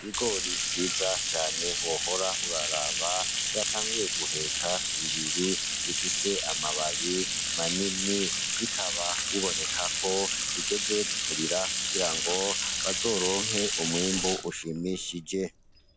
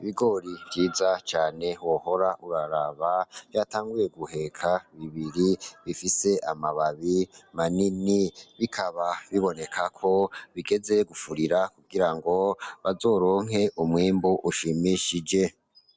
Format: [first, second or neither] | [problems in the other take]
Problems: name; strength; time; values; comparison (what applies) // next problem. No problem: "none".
second | background sound (Bathtub (filling or washing)); 3 dB above the speech